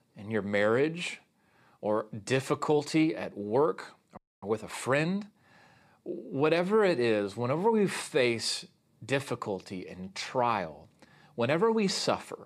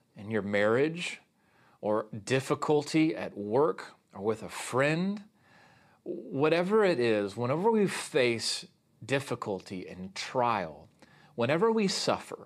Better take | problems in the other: second | audio freezing; at 4 s

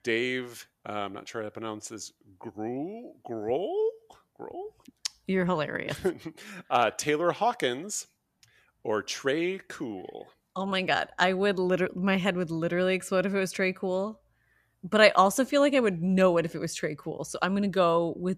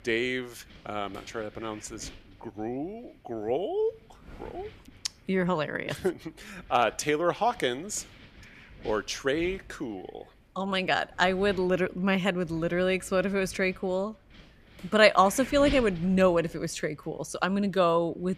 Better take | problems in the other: first | wind noise on the microphone; occasional gusts; 20 dB below the speech

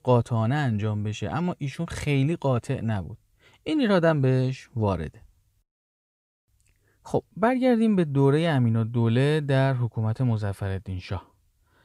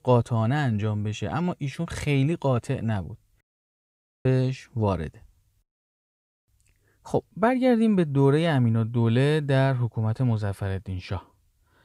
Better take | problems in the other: first | audio cutting out; at 3.5 s for 1 s

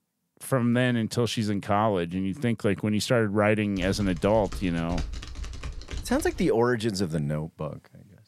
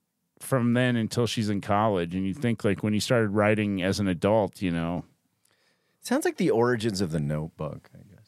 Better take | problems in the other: second | keyboard typing; faint; from 4 to 6.5 s; peak 10 dB below the speech

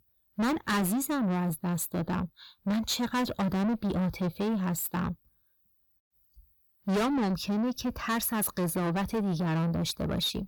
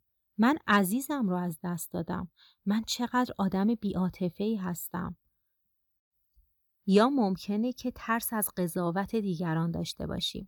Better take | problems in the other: second | distortion; heavy; 6 dB below the speech

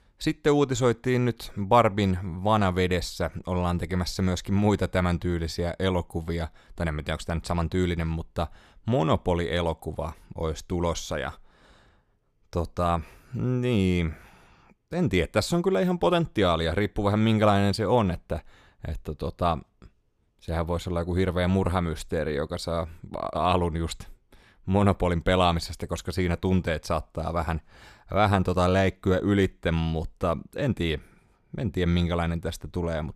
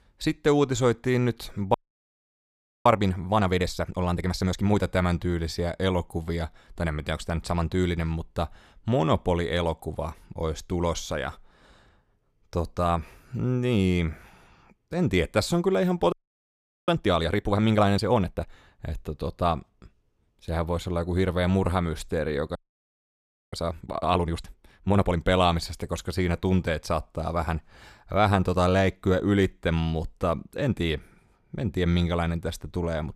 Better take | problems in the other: first | audio freezing; at 1.5 s for 1 s, at 16 s for 1 s and at 23 s for 1 s

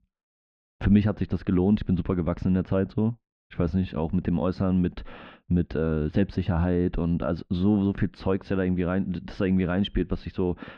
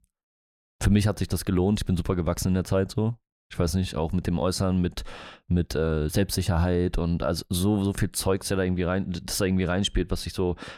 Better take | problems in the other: second | muffled; very; fading above 3 kHz

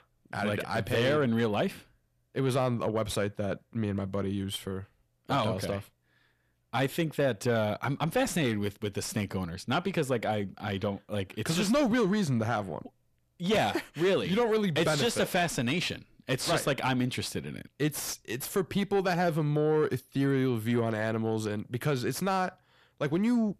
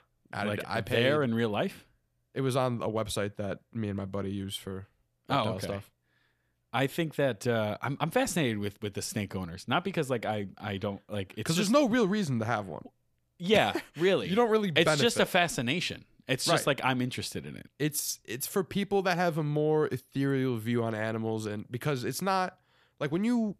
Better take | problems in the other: second | distortion; slight; 10 dB below the speech

